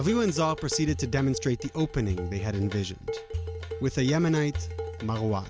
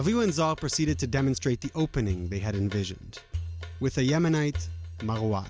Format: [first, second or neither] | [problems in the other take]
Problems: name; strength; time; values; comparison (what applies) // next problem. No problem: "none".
second | background sound (Dishes, pots, and pans); 13 dB below the speech